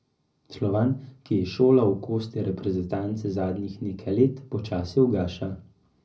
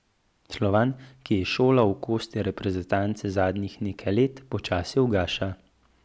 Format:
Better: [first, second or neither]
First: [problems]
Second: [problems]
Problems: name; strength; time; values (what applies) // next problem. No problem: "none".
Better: second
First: room echo; dies away in 0.4 s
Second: none